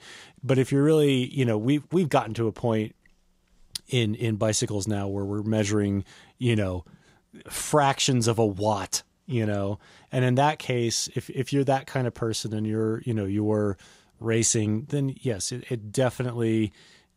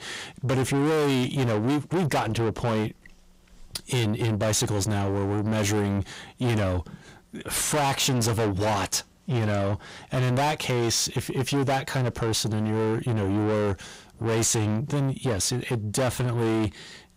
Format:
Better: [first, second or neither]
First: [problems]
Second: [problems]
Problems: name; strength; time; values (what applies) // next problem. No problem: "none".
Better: first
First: none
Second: distortion; heavy; 6 dB below the speech